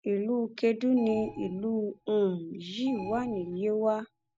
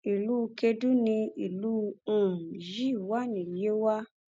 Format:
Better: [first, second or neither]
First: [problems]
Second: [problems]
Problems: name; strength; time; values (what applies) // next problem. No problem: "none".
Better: second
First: background sound (Alarm); 18 dB below the speech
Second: none